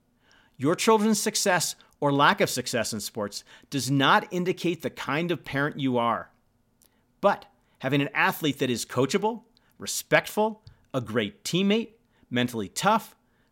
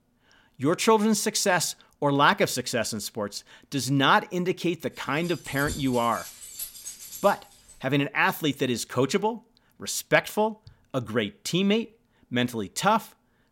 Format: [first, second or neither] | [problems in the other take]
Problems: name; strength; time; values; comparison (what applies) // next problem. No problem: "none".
first | jangling keys; noticeable; from 5 to 7.5 s; peak 10 dB below the speech